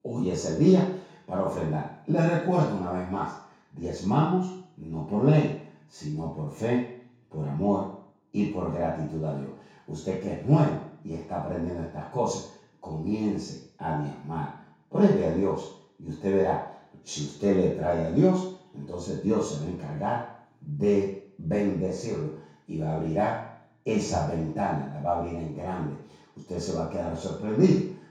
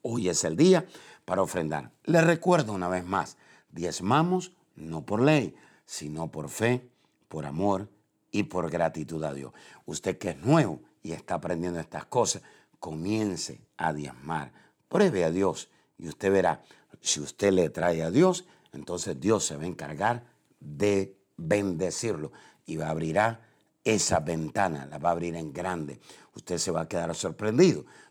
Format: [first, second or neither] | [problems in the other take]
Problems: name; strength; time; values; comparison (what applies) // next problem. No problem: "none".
second | room echo; noticeable; dies away in 0.6 s // off-mic speech; far